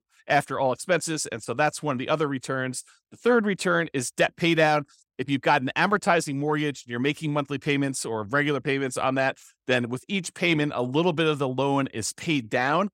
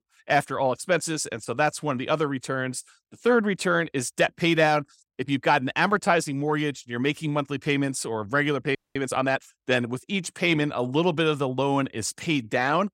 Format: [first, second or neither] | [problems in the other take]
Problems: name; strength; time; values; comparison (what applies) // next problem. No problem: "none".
first | audio freezing; at 9 s